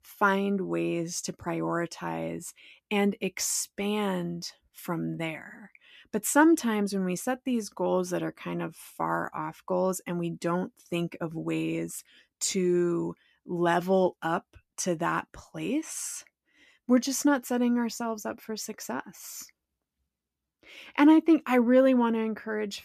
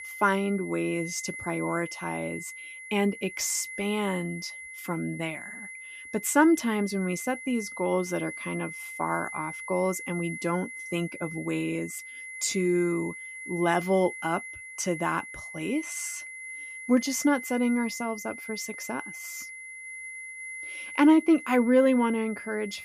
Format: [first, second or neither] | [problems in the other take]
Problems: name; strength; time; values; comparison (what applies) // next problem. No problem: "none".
first | high-pitched whine; noticeable; throughout; 2 kHz, 10 dB below the speech